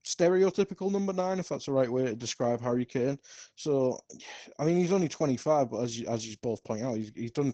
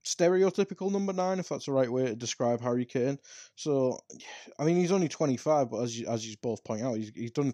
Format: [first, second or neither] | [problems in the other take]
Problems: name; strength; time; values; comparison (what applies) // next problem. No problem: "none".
second | garbled, watery; badly